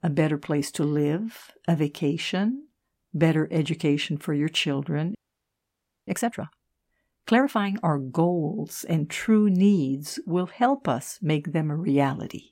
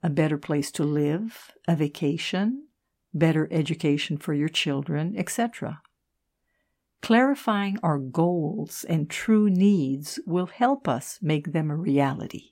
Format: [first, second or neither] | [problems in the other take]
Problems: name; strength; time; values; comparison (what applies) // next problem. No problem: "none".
second | audio freezing; at 5 s for 1 s